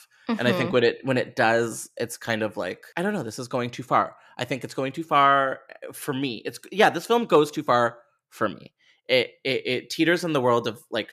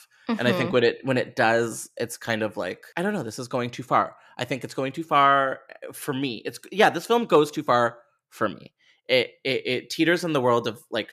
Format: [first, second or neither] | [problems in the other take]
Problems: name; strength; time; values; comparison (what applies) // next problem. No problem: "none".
neither | none